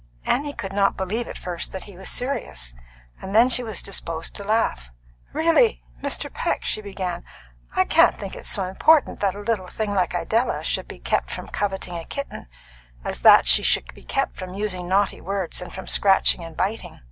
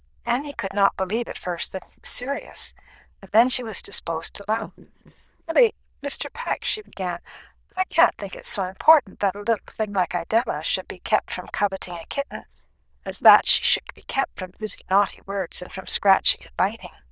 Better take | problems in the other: first | noise reduction (neural diffusion model UNIVERSE++)

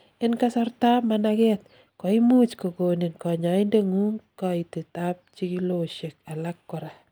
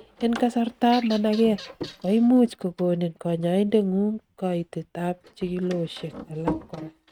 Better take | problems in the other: first | noise reduction (neural mask model RNNoise)

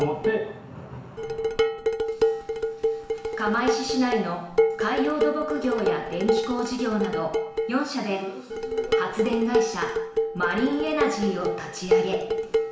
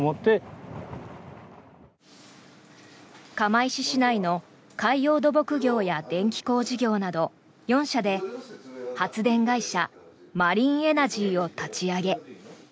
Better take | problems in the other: second | background sound (Dishes, pots, and pans); 2 dB above the speech // room echo; dies away in 0.7 s

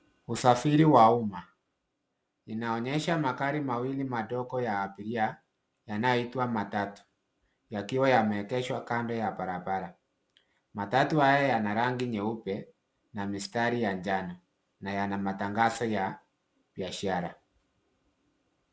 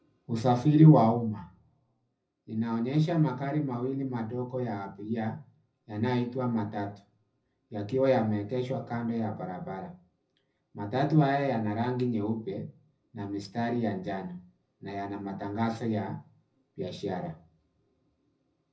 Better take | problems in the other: first | room echo; dies away in 0.4 s

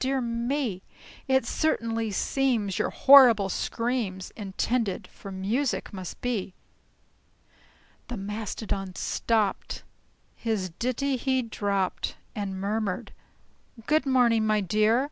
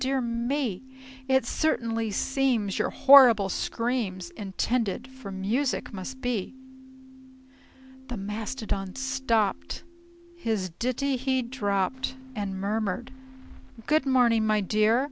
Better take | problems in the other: first | background sound (Keyboard (musical) + Fireworks); 20 dB below the speech

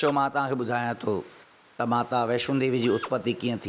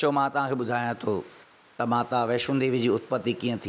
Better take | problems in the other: second | background sound (Drill); 19 dB below the speech

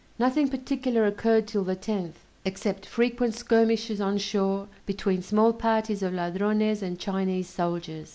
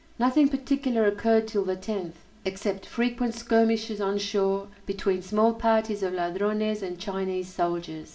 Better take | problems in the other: first | room echo; dies away in 0.4 s

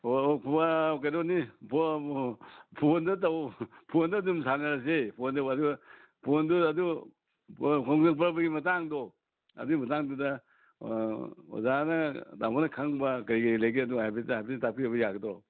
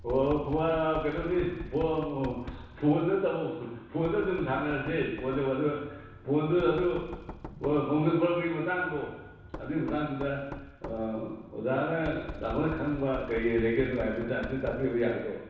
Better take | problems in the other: first | background sound (Knock); 14 dB below the speech // room echo; dies away in 1.1 s

